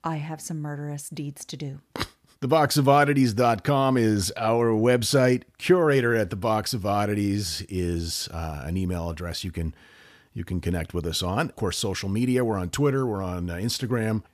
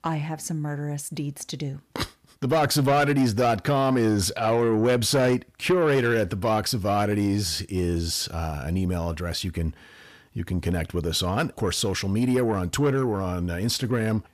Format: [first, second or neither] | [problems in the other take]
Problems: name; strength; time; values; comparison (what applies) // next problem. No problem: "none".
first | distortion; slight; 10 dB below the speech